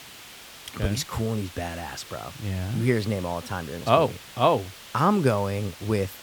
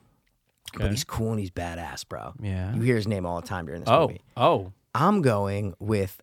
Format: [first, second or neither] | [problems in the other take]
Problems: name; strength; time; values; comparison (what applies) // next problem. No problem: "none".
second | hiss; noticeable; throughout; 15 dB below the speech